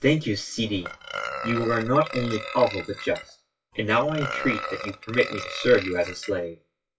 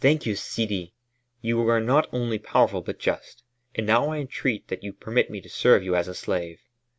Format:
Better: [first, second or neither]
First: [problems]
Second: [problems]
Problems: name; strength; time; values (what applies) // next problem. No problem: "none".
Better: second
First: noise reduction (classical method WPE with log-MMSE)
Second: none